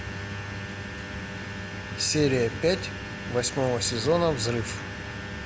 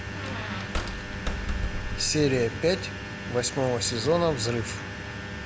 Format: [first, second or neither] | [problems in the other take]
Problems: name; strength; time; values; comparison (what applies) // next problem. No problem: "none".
first | background sound (Squeak); 5 dB below the speech